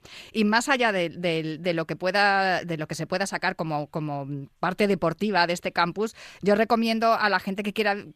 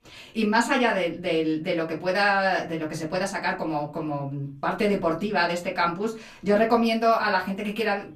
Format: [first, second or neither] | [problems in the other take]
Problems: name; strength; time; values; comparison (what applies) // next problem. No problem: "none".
first | off-mic speech; far // room echo; very slight; dies away in 0.3 s